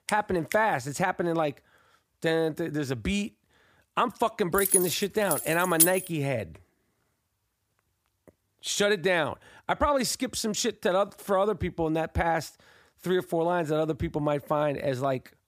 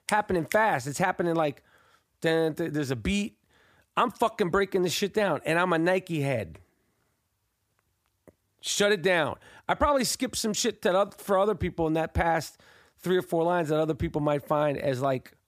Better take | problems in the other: second | jangling keys; loud; from 4.5 to 6 s; peak 5 dB above the speech

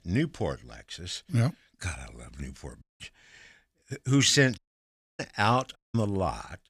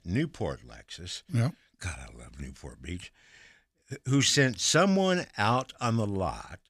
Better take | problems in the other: second | audio cutting out; at 3 s, at 4.5 s for 0.5 s and at 6 s

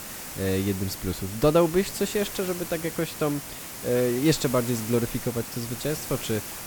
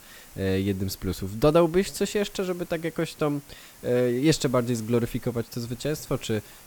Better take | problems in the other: second | hiss; loud; throughout; 8 dB below the speech; faint in the second

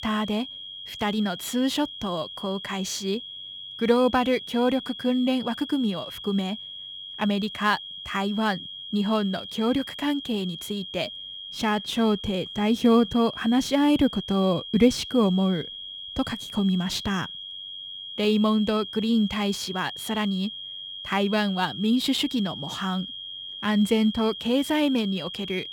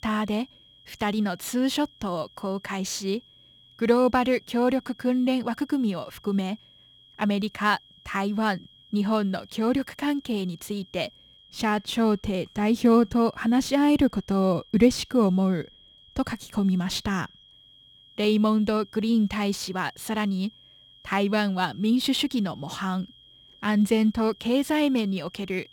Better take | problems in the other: second | high-pitched whine; loud; throughout; 3.5 kHz, 10 dB below the speech; faint in the second

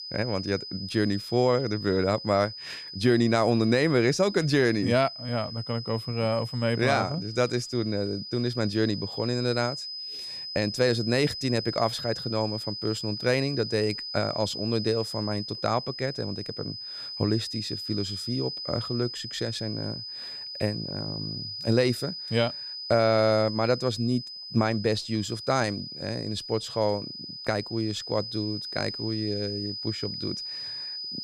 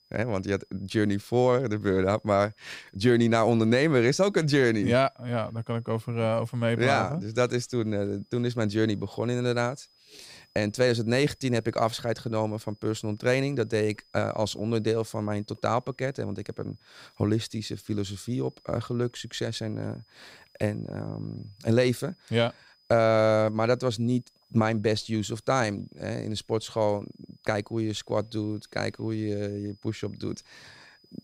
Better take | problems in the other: second | high-pitched whine; loud; throughout; 5 kHz, 7 dB below the speech; faint in the second

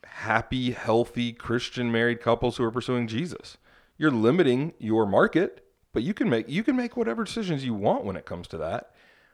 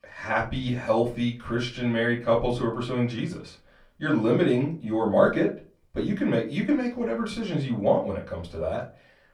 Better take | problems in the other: first | off-mic speech; far // room echo; very slight; dies away in 0.3 s

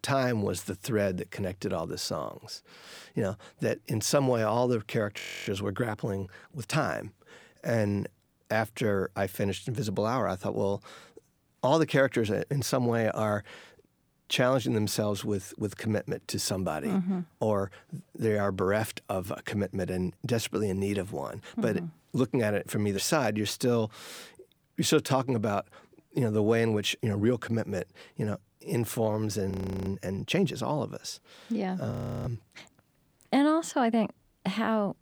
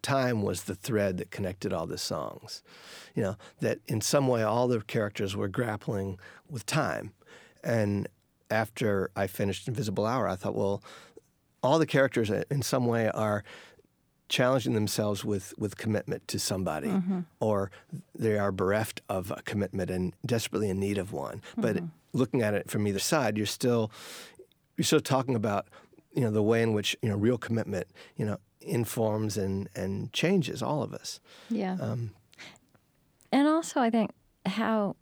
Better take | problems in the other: second | audio freezing; at 5 s, at 30 s and at 32 s

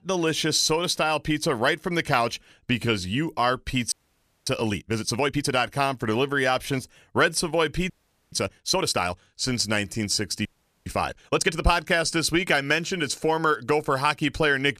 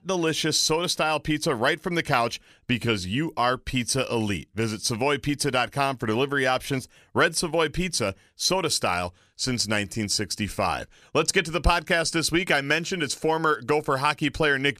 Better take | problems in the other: second | audio freezing; at 4 s for 0.5 s, at 8 s and at 10 s

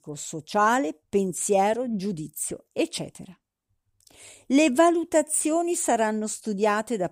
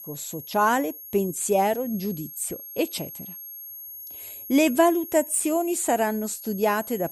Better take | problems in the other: first | high-pitched whine; noticeable; throughout; 11.5 kHz, 15 dB below the speech

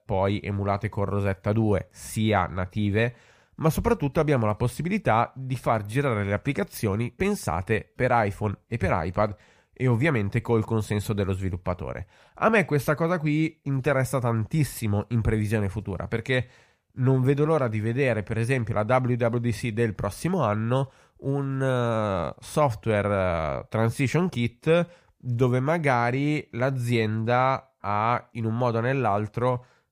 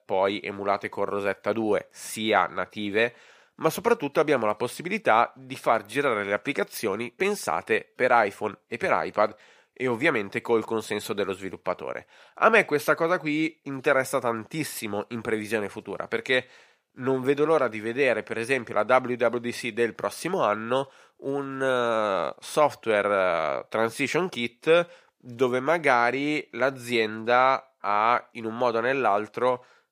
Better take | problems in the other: first | thin; somewhat; fading below 350 Hz

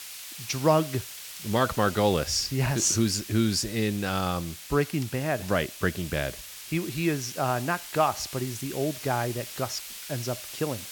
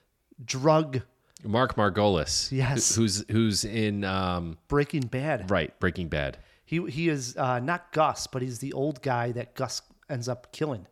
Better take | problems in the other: second | hiss; noticeable; throughout; 10 dB below the speech

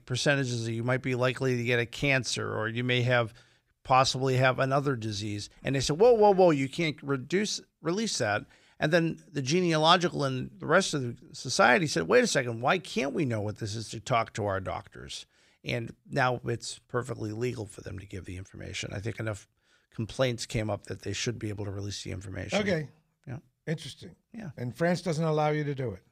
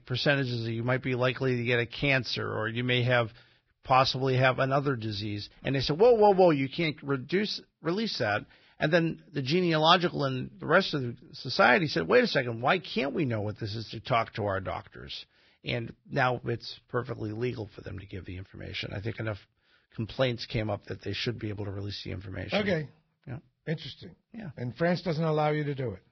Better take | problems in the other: first | garbled, watery; badly; nothing above 5.5 kHz

